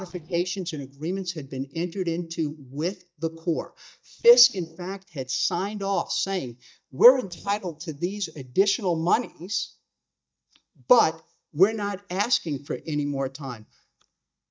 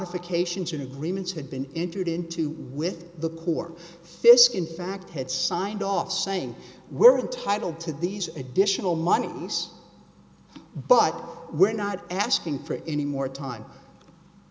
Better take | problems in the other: second | noise reduction (neural mask model DeepFilterNet 3)

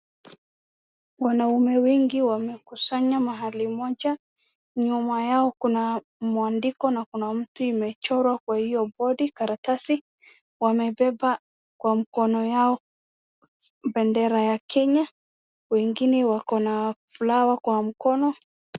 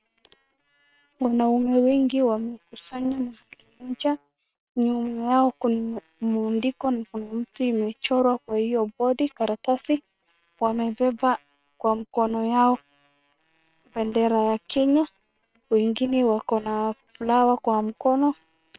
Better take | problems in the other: first | noise reduction (neural separator model SepFormer WHAM!)

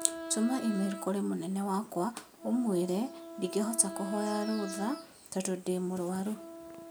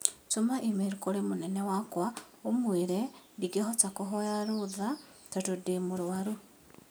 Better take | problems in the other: second | background sound (Wind instrument, woodwind instrument); 12 dB below the speech

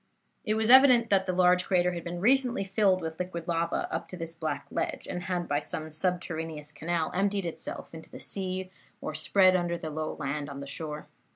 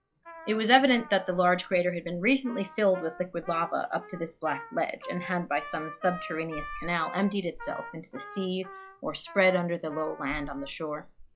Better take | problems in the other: first | noise reduction (classical method log-MMSE)

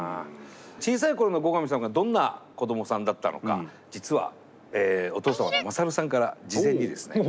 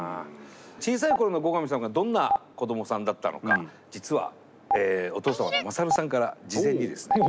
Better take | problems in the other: first | background sound (Stream); 5 dB below the speech

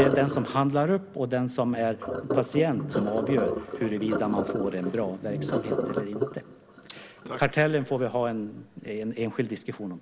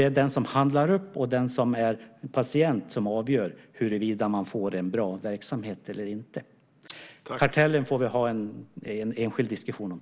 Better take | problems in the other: second | background sound (Sink (filling or washing)); 5 dB below the speech

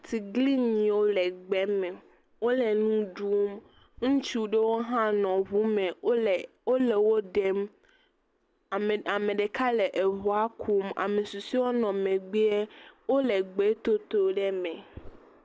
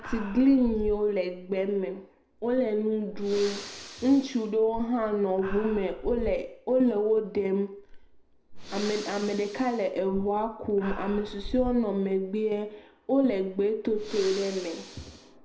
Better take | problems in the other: first | background sound (Breathing); 13 dB below the speech // room echo; dies away in 0.5 s

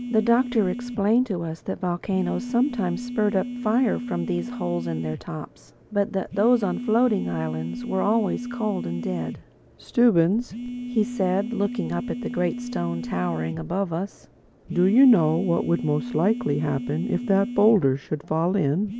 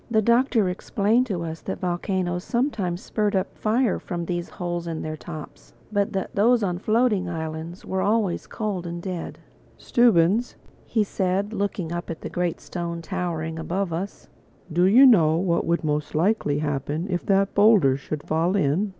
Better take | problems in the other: second | background sound (Telephone); 9 dB below the speech

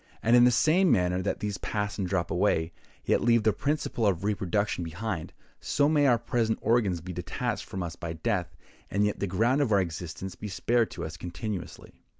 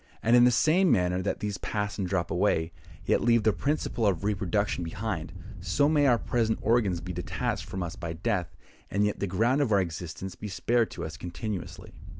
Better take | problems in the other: first | background sound (Wind); 12 dB below the speech

